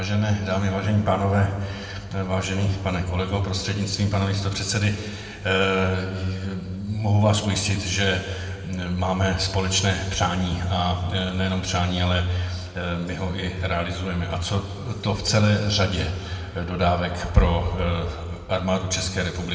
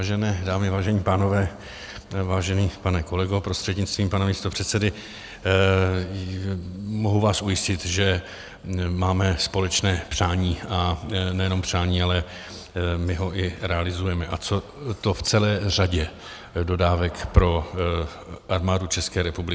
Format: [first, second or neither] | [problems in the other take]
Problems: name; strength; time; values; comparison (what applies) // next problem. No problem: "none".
second | room echo; dies away in 1.9 s